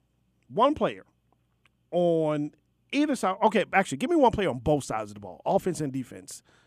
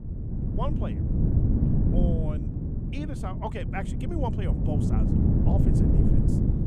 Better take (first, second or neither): first